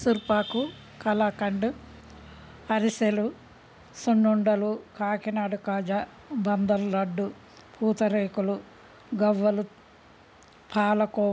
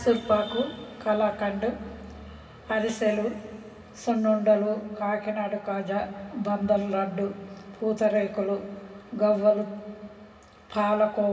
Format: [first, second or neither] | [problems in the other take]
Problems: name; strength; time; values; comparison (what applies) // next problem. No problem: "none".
first | room echo; dies away in 2.3 s